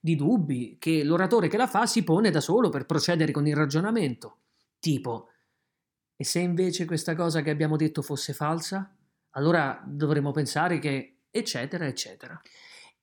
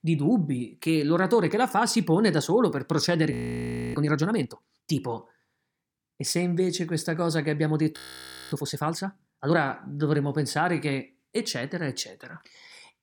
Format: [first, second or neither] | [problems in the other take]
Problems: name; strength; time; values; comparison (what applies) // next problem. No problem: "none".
first | audio freezing; at 3.5 s for 0.5 s and at 8 s for 0.5 s